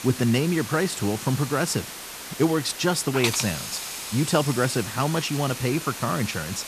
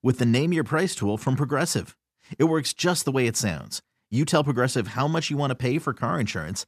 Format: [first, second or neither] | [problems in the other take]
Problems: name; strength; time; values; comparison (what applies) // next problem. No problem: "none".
second | hiss; loud; throughout; 8 dB below the speech